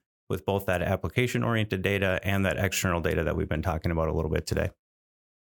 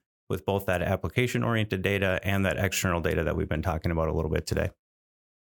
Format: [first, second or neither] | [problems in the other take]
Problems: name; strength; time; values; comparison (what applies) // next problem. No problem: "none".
neither | none